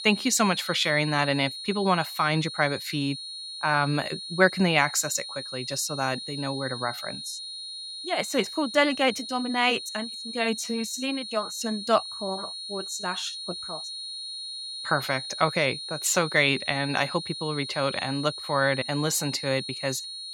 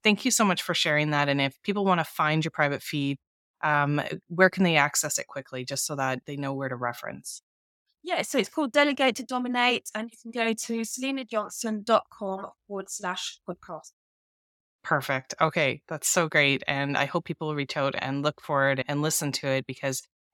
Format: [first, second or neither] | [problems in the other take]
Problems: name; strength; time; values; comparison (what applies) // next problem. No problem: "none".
second | high-pitched whine; loud; throughout; 4 kHz, 8 dB below the speech